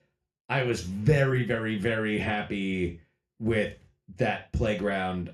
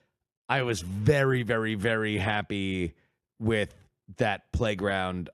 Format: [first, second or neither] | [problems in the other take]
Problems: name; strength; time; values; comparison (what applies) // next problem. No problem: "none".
second | room echo; very slight; dies away in 0.3 s